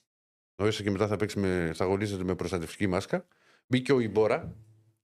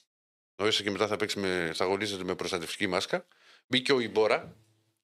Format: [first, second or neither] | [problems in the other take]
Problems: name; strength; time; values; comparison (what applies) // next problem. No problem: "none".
first | thin; very slightly; fading below 500 Hz